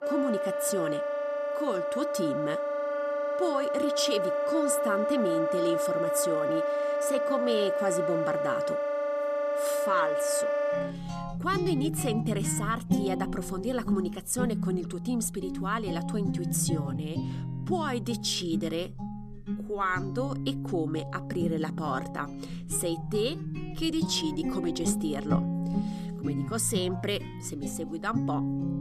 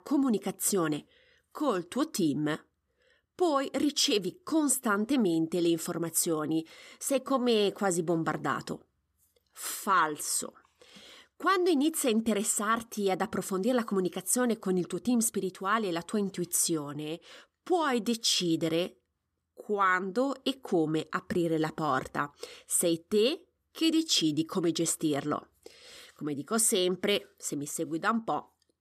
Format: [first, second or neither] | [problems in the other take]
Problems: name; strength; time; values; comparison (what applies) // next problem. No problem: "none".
second | background music; very loud; throughout; 1 dB above the speech